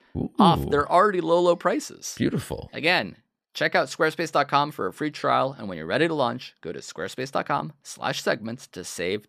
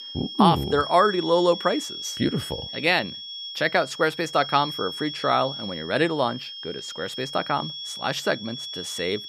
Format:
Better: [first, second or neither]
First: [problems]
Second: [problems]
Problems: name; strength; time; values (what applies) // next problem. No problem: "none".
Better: first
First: none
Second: high-pitched whine; loud; throughout; 3.5 kHz, 9 dB below the speech